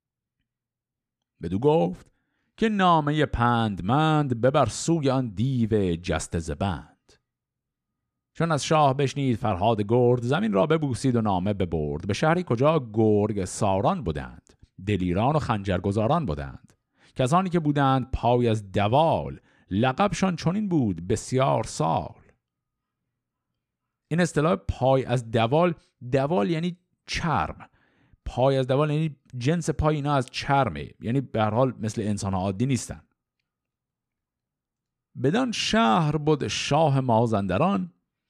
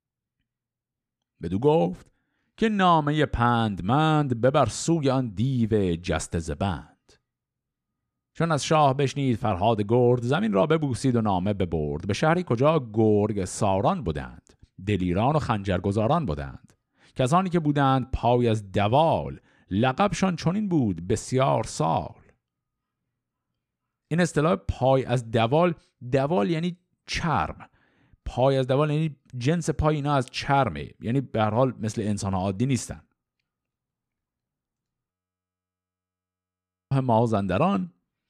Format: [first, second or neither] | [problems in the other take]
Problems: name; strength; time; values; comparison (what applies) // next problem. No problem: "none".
first | audio freezing; at 35 s for 2 s